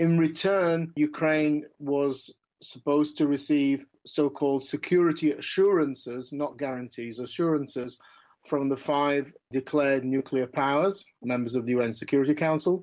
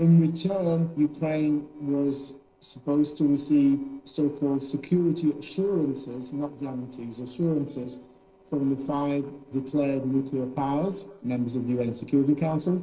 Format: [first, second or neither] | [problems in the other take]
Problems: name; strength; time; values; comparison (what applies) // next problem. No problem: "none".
first | noise reduction (neural separator model SepFormer DNS4)